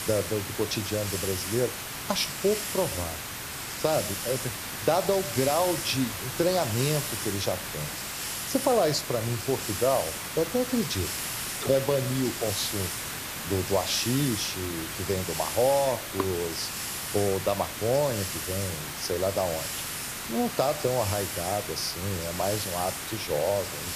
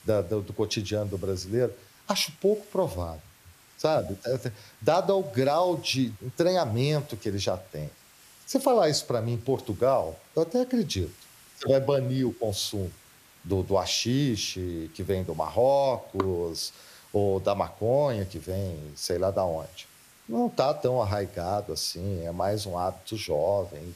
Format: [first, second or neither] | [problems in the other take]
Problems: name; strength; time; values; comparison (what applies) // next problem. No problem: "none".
second | hiss; loud; throughout; 3 dB below the speech; faint in the second